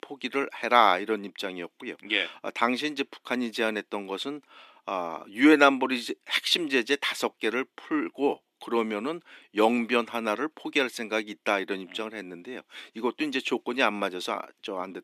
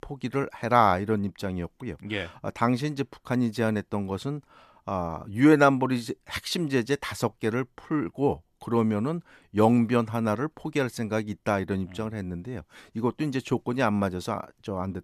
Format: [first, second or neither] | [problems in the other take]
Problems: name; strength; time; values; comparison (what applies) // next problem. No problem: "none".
second | thin; very slightly; fading below 300 Hz